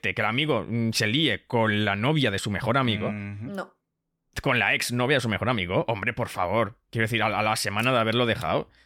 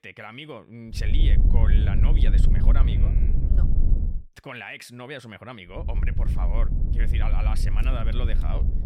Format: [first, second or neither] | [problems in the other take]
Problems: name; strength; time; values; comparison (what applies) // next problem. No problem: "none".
first | wind noise on the microphone; heavy; from 1 to 4 s and from 6 s on; 4 dB below the speech